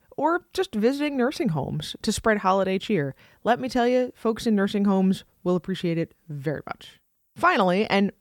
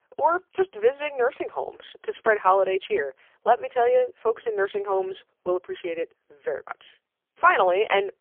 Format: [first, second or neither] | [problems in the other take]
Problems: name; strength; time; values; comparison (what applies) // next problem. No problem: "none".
first | phone-call audio; poor line; nothing above 3.5 kHz